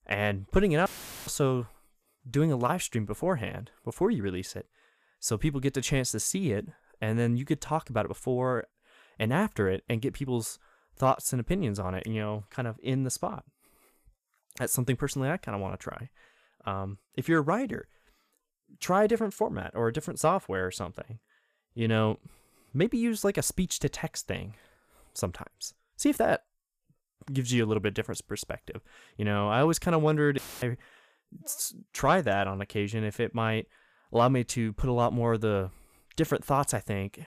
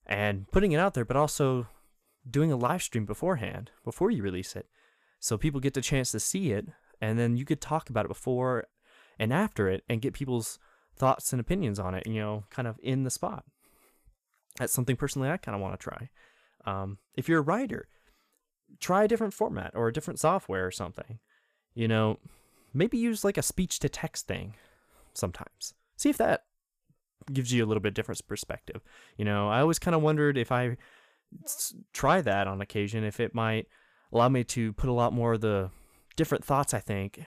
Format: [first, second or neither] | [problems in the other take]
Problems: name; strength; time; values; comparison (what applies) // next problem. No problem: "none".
second | audio cutting out; filled with static; at 1 s and at 30 s